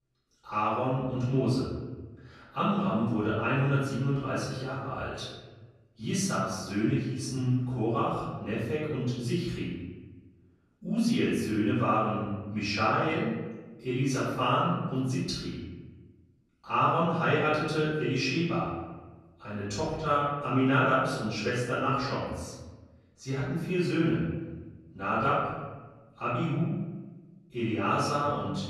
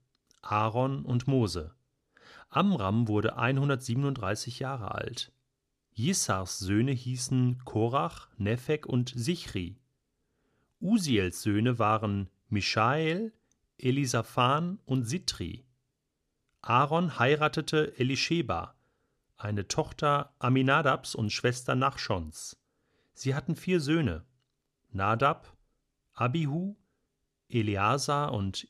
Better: second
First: room echo; strong; dies away in 1.2 s // off-mic speech; far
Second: none

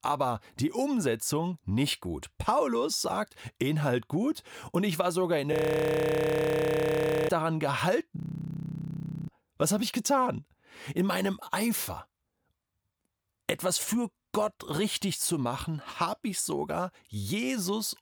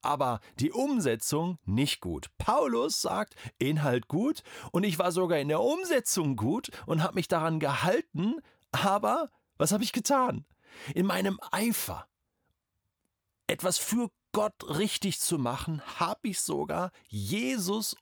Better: second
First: audio freezing; at 5.5 s for 2 s and at 8 s for 1 s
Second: none

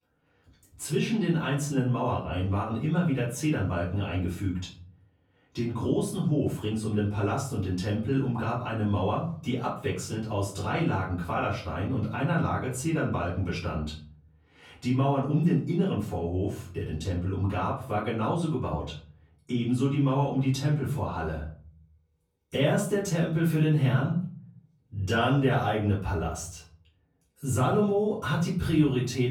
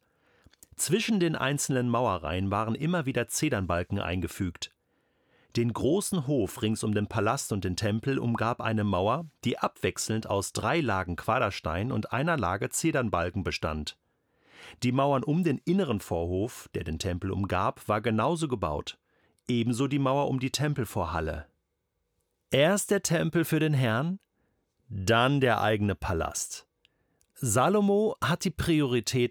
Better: second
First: off-mic speech; far // room echo; slight; dies away in 0.6 s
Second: none

